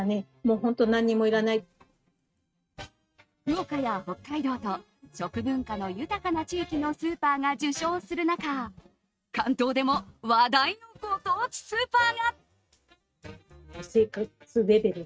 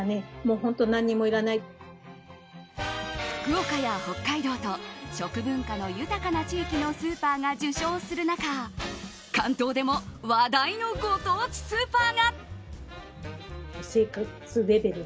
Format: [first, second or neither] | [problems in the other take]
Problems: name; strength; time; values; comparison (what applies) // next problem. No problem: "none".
second | noise reduction (neural mask model RNNoise)